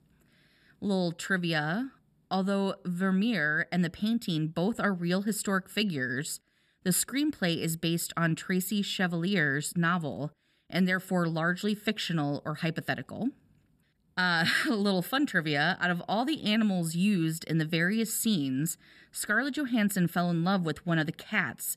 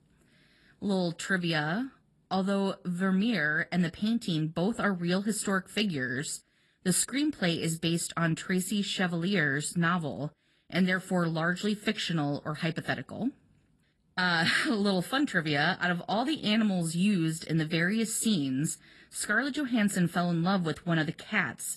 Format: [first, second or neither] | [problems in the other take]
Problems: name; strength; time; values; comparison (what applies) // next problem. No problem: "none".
first | garbled, watery; slightly; nothing above 11.5 kHz